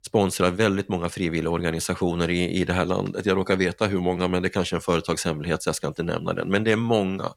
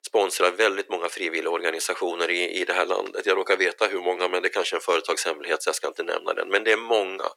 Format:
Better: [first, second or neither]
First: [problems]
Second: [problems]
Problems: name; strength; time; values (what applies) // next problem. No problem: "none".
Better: first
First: none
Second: thin; very; fading below 350 Hz